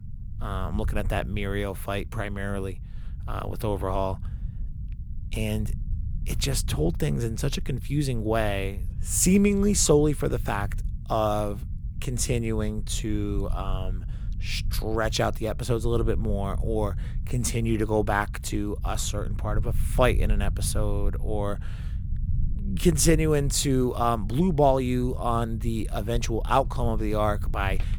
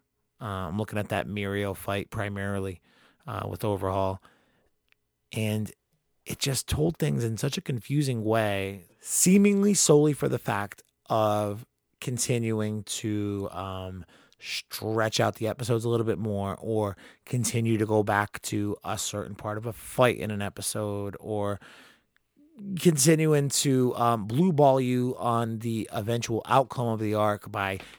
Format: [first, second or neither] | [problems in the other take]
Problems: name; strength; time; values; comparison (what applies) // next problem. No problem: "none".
second | low rumble; faint; throughout; 20 dB below the speech